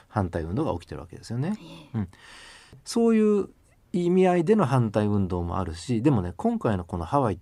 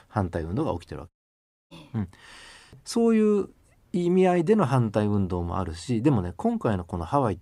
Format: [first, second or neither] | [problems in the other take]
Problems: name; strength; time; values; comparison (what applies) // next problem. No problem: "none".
first | audio cutting out; at 1 s for 0.5 s